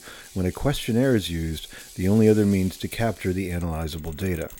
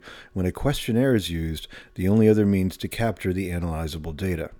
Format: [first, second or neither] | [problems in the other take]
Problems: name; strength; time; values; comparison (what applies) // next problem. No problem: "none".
second | machinery noise; noticeable; throughout; 20 dB below the speech